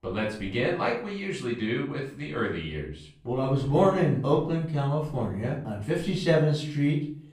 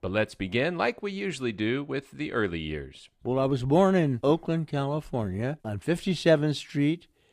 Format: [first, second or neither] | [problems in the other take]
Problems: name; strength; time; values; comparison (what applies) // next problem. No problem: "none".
second | off-mic speech; far // room echo; slight; dies away in 0.4 s